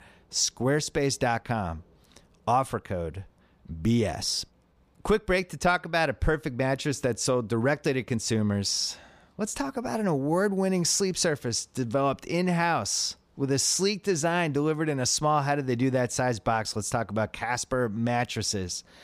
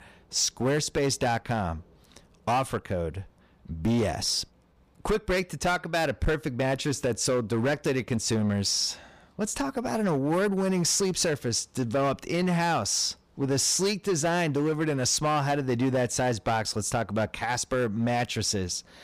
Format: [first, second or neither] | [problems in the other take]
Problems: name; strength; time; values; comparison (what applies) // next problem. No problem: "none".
first | distortion; slight; 10% of the sound clipped